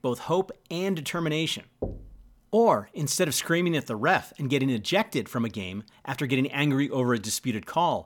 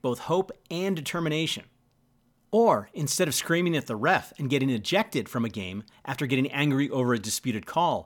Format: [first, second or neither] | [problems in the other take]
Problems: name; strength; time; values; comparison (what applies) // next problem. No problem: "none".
second | door banging; faint; at 2 s; peak 10 dB below the speech